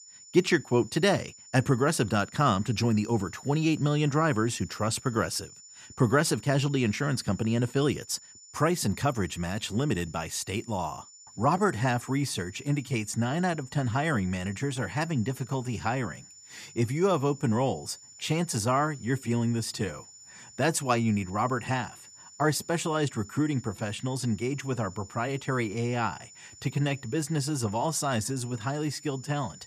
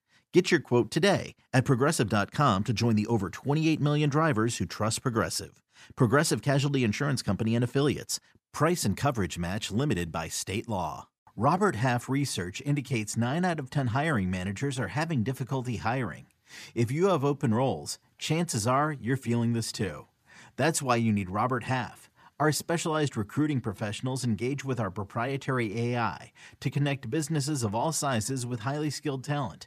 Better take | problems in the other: second | high-pitched whine; noticeable; throughout; 7 kHz, 20 dB below the speech

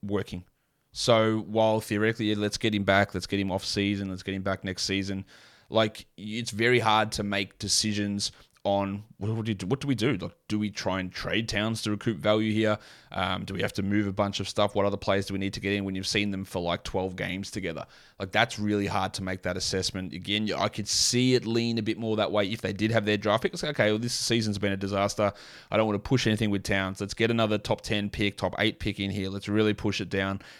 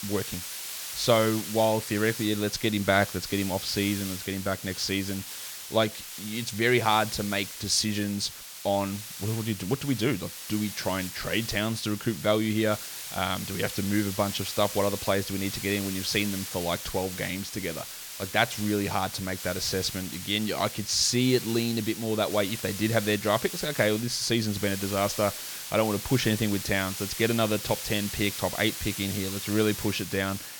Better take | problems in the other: first | hiss; loud; throughout; 8 dB below the speech

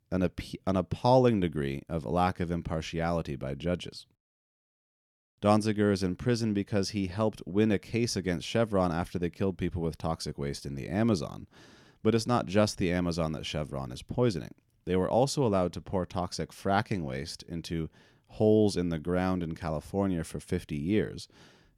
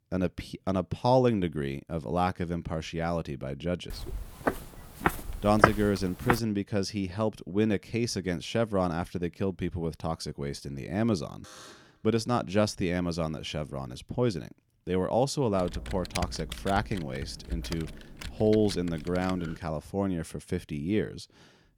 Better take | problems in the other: first | footsteps; loud; from 4 to 6.5 s; peak 6 dB above the speech // alarm; faint; at 11 s; peak 15 dB below the speech // keyboard typing; noticeable; from 16 to 20 s; peak 6 dB below the speech

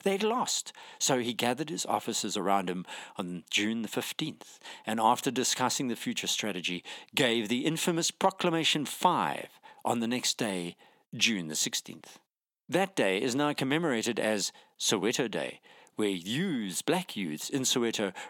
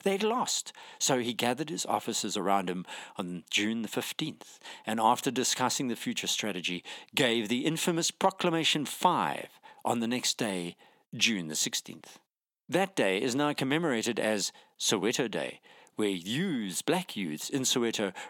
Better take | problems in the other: neither | thin; very slightly; fading below 800 Hz; the same in both

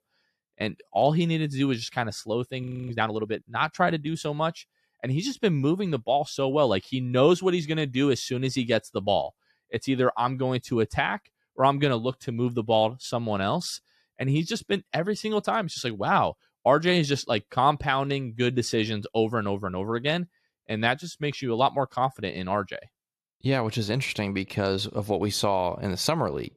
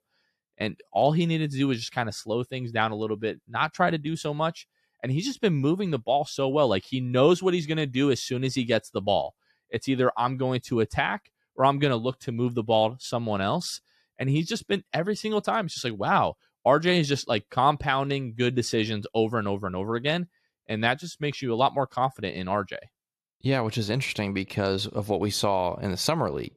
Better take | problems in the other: second | audio freezing; at 2.5 s

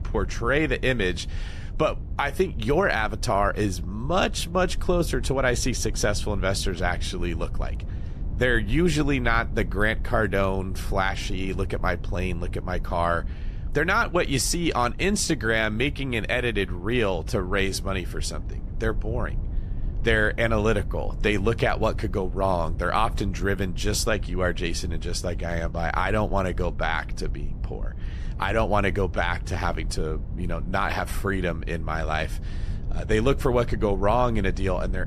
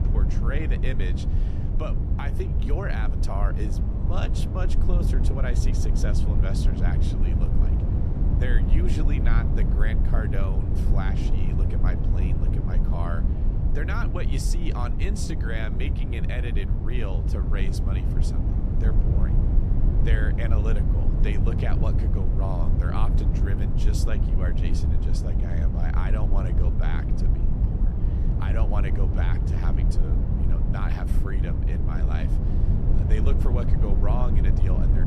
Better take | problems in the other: first | low rumble; loud; throughout; 2 dB below the speech; faint in the first

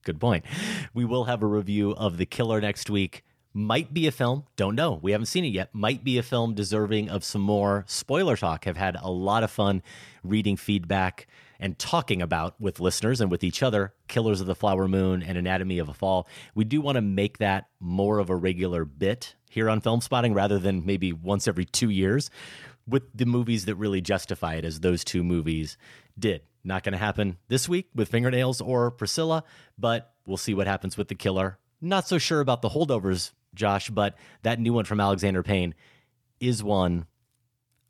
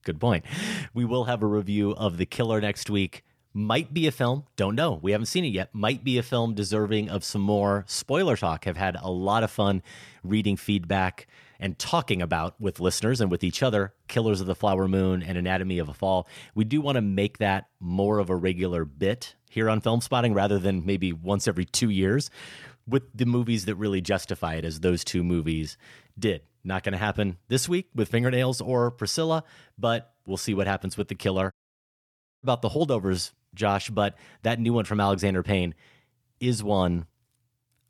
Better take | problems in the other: first | audio cutting out; at 32 s for 1 s

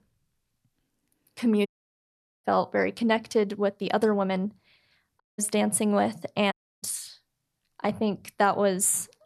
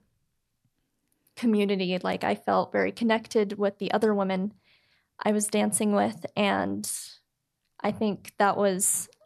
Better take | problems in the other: second | audio cutting out; at 1.5 s for 1 s, at 5 s and at 6.5 s

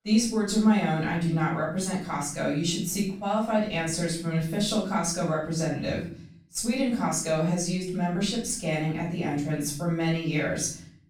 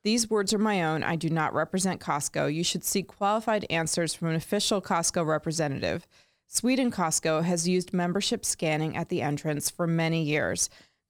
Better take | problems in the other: second | off-mic speech; far // room echo; noticeable; dies away in 0.5 s

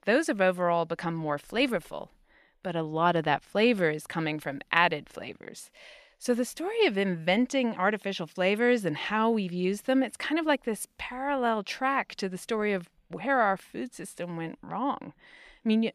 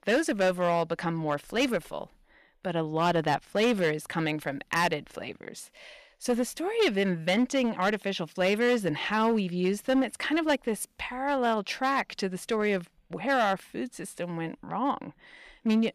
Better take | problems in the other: first | distortion; slight; 5% of the sound clipped

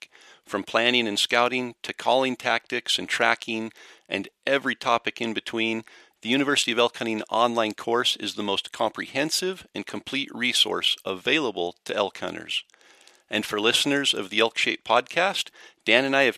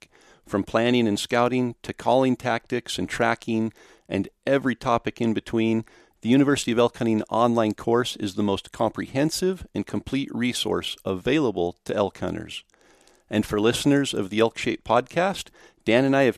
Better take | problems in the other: second | thin; very slightly; fading below 1 kHz

